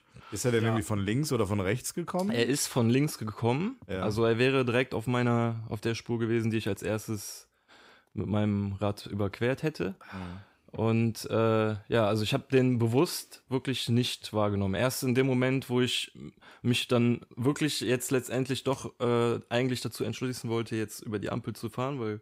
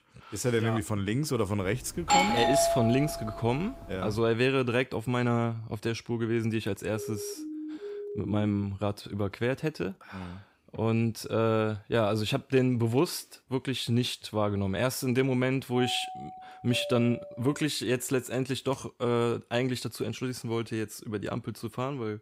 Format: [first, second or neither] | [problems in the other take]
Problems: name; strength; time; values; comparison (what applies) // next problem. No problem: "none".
first | doorbell; loud; from 2 to 3.5 s; peak 6 dB above the speech // siren; noticeable; from 7 to 8.5 s; peak 9 dB below the speech // doorbell; noticeable; from 16 to 18 s; peak 8 dB below the speech